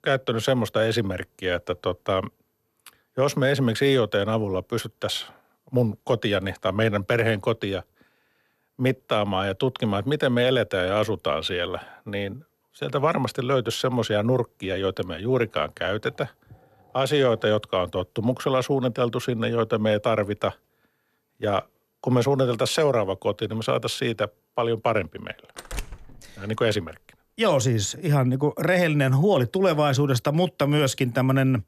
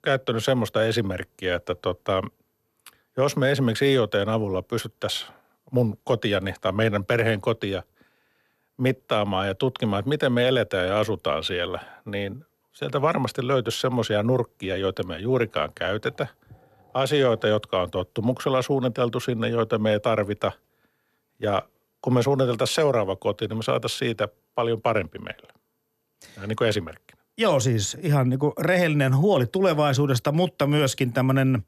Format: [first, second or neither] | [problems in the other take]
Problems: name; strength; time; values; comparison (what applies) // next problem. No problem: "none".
second | door banging; faint; at 26 s; peak 10 dB below the speech